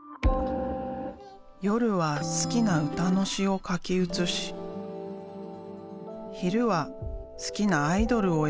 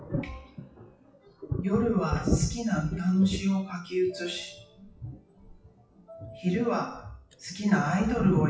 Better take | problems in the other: first | noise reduction (classical method WPE with log-MMSE)

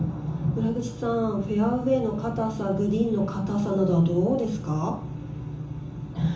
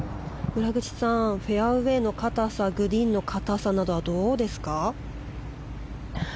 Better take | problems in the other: second | room echo; dies away in 0.7 s

